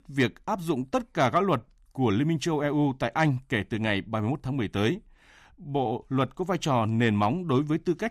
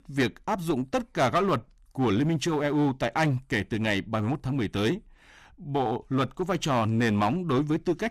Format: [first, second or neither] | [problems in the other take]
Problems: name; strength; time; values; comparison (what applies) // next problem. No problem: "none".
first | distortion; slight; 8% of the sound clipped